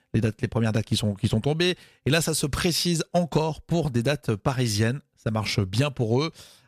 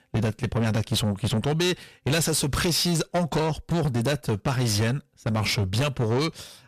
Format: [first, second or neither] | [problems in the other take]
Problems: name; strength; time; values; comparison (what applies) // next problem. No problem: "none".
first | distortion; heavy; 8 dB below the speech